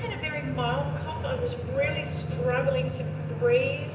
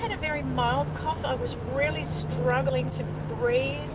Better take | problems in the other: second | room echo; dies away in 0.9 s

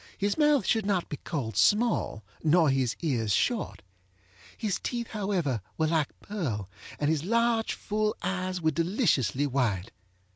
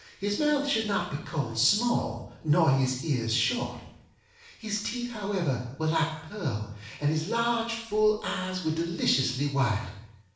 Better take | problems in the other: first | room echo; dies away in 0.7 s

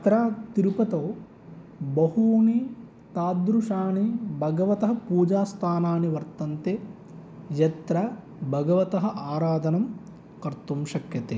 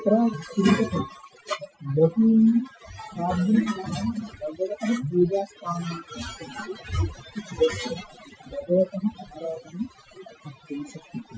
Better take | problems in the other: first | noise reduction (classical method Wiener filter)

